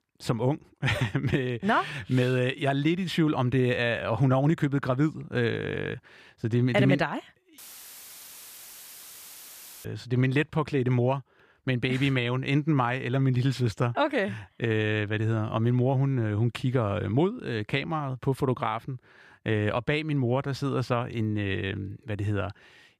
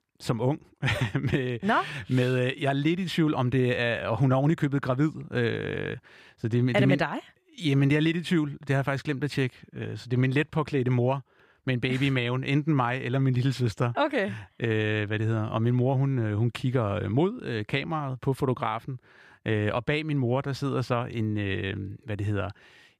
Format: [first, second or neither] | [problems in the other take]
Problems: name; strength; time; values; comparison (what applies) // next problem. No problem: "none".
second | audio cutting out; filled with static; at 7.5 s for 2.5 s